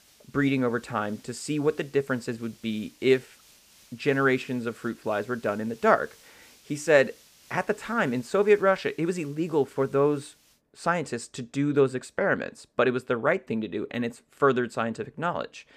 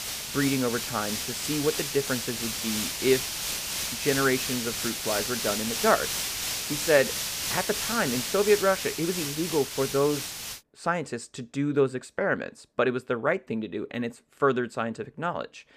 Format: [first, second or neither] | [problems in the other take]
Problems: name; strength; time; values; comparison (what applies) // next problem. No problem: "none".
first | hiss; loud; until 11 s; 1 dB below the speech; faint in the first